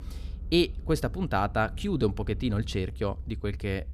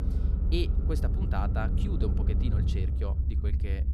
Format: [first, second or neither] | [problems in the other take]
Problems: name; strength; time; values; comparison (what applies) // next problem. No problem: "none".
first | low rumble; loud; throughout; 5 dB below the speech; faint in the first